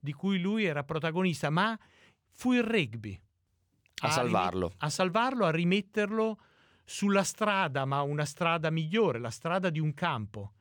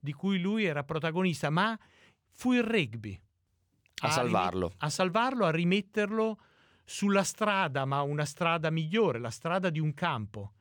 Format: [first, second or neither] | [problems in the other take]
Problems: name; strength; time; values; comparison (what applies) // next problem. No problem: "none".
neither | none